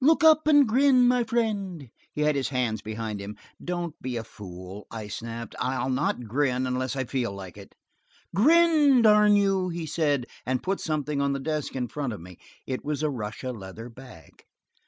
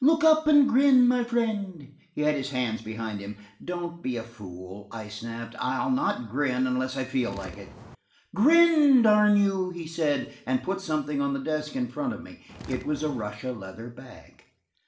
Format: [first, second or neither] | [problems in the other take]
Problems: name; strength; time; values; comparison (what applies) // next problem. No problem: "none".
first | background sound (Walk, footsteps); 15 dB below the speech // room echo; dies away in 0.5 s